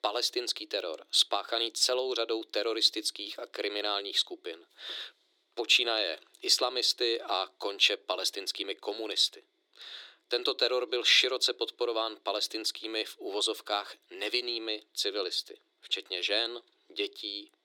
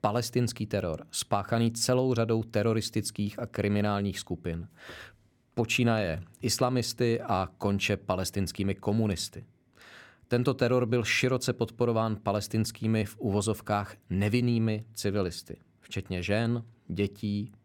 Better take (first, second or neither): second